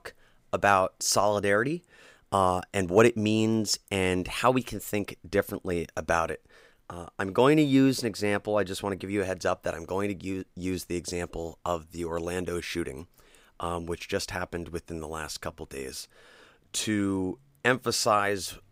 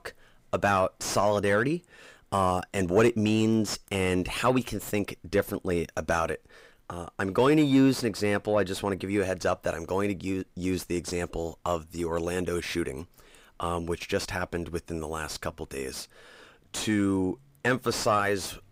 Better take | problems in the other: first | distortion; slight; 10 dB below the speech

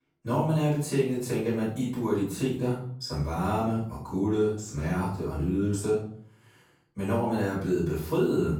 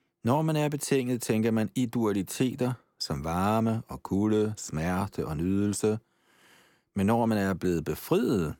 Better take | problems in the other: second | off-mic speech; far // room echo; noticeable; dies away in 0.5 s

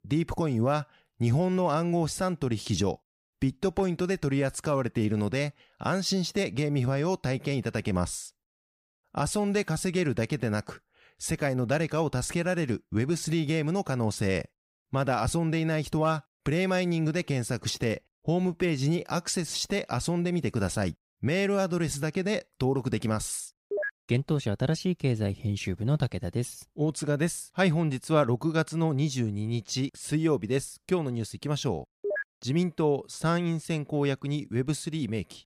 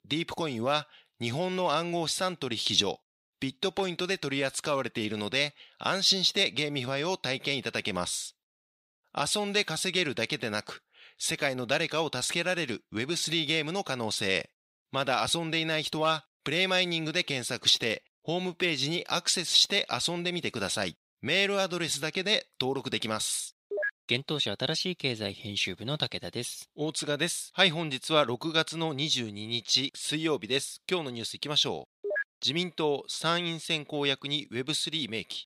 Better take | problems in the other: first | thin; somewhat; fading below 500 Hz

